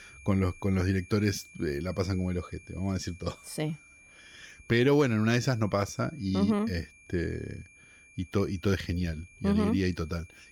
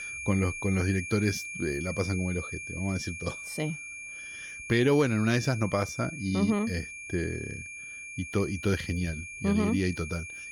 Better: first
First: high-pitched whine; faint; throughout; 2.5 kHz, 25 dB below the speech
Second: high-pitched whine; loud; throughout; 2.5 kHz, 8 dB below the speech

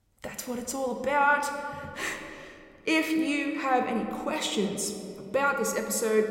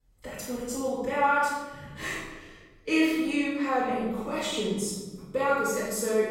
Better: first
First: room echo; slight; dies away in 1.9 s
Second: room echo; strong; dies away in 1.2 s // off-mic speech; far

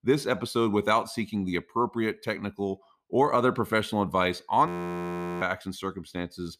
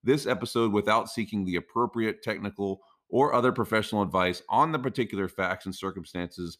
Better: second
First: audio freezing; at 4.5 s for 0.5 s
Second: none

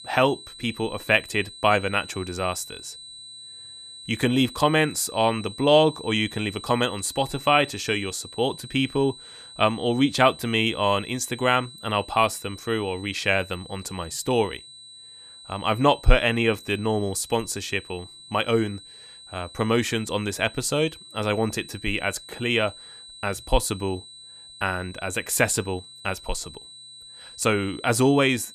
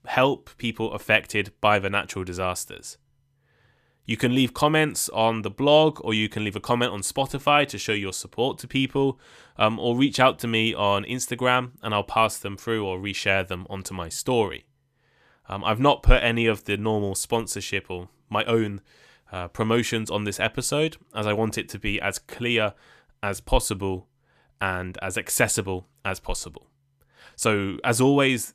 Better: second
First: high-pitched whine; noticeable; throughout; 4 kHz, 15 dB below the speech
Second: none

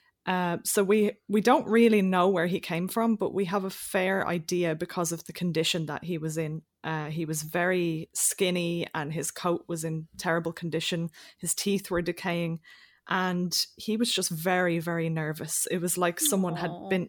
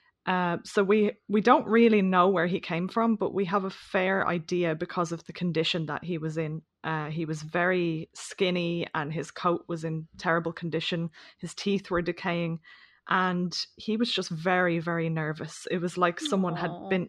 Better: first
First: none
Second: muffled; slightly; fading above 4.5 kHz

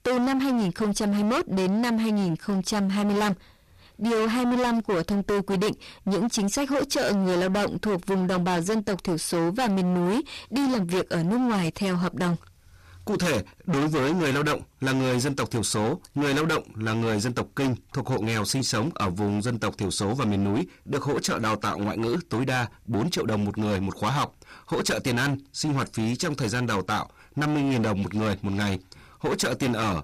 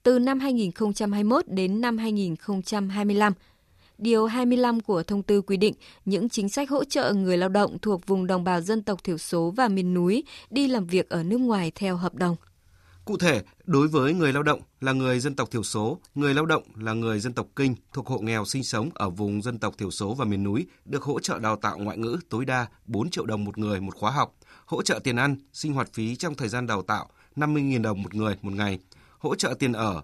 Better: second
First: distortion; heavy; 27% of the sound clipped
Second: none

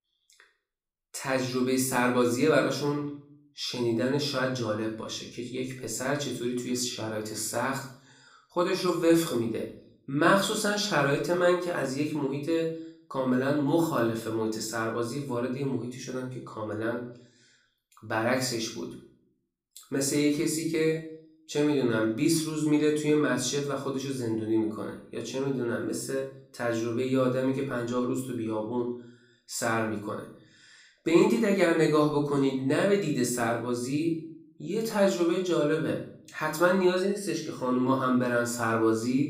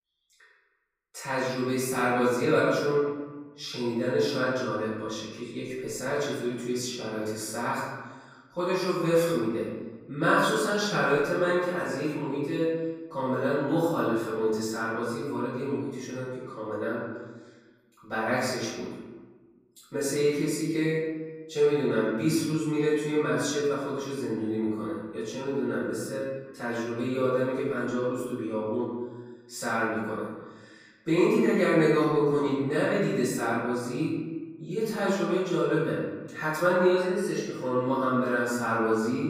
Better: first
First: room echo; slight; dies away in 0.5 s // off-mic speech; far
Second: room echo; strong; dies away in 1.2 s // off-mic speech; far

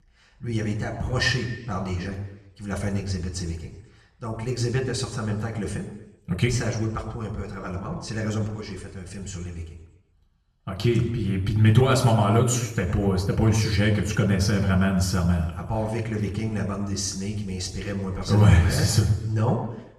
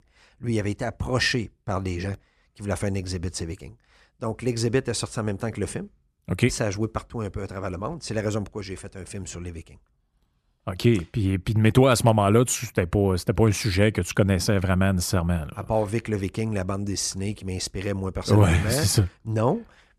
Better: second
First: room echo; slight; dies away in 0.8 s // off-mic speech; somewhat distant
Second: none

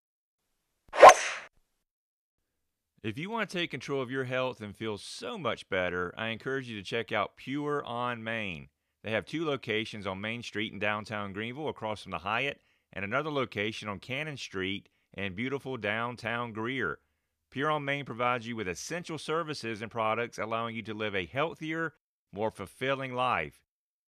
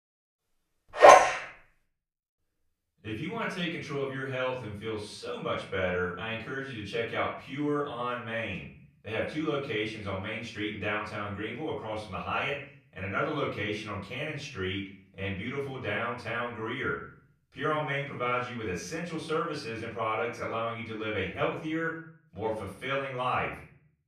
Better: first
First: none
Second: off-mic speech; far // room echo; noticeable; dies away in 0.5 s

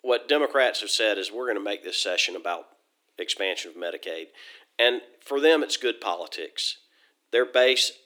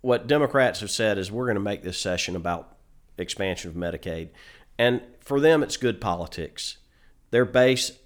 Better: second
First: thin; somewhat; fading below 300 Hz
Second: none

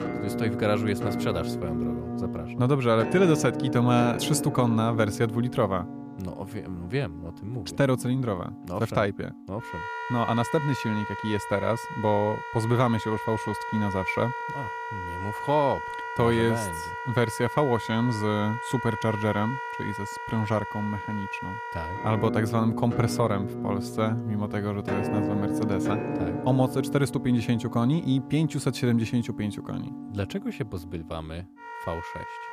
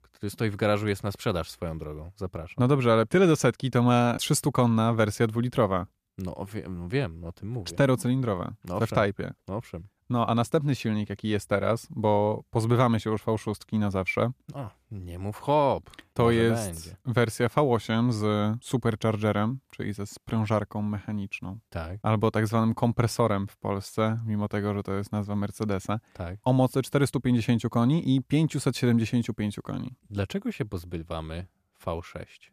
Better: second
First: background music; loud; throughout; 6 dB below the speech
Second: none

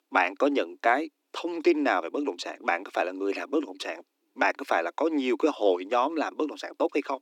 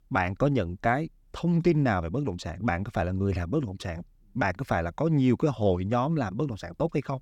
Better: second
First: thin; somewhat; fading below 300 Hz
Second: none

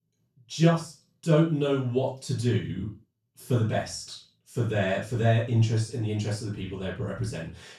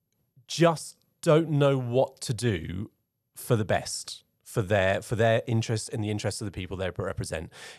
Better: second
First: room echo; noticeable; dies away in 0.3 s // off-mic speech; far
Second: none

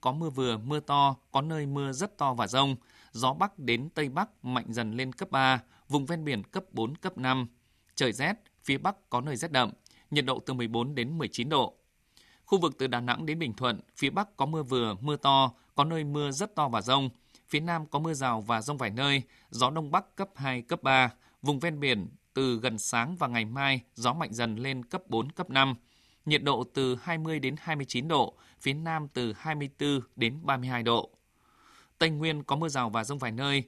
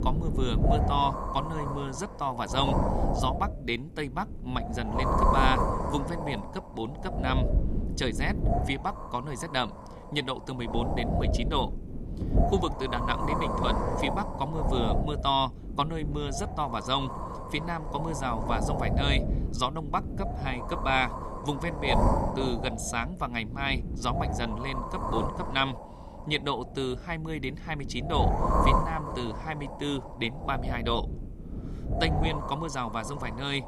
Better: first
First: none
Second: wind noise on the microphone; heavy; 1 dB below the speech

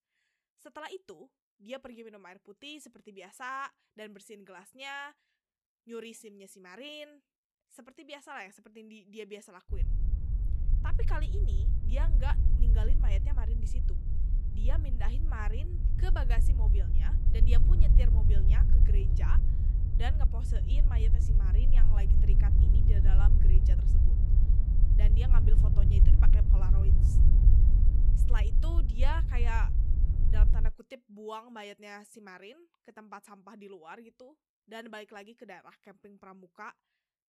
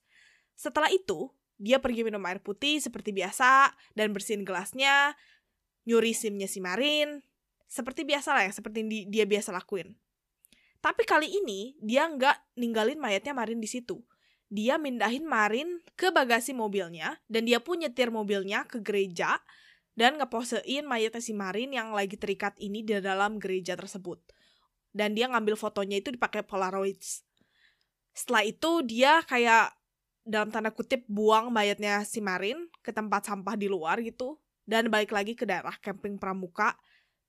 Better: second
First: wind noise on the microphone; heavy; from 9.5 to 31 s; 3 dB below the speech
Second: none

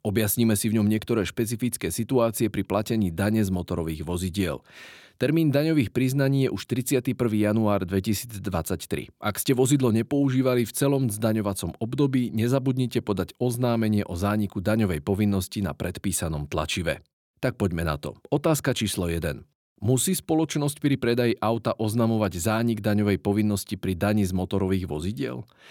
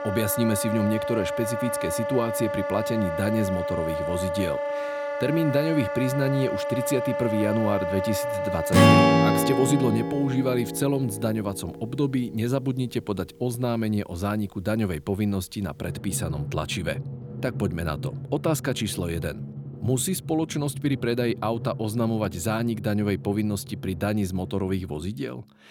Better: first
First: none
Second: background music; loud; throughout; as loud as the speech

